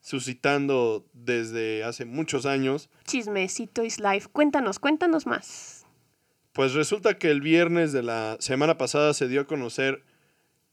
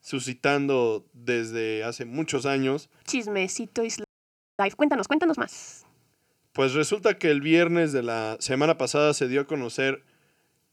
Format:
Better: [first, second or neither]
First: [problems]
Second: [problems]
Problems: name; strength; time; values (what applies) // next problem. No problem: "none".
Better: first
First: none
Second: audio freezing; at 4 s for 0.5 s